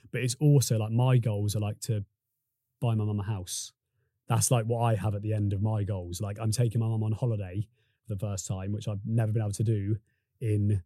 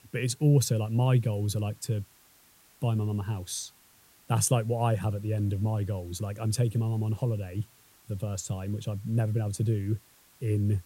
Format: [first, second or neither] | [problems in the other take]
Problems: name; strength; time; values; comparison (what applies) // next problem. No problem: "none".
first | hiss; faint; throughout; 30 dB below the speech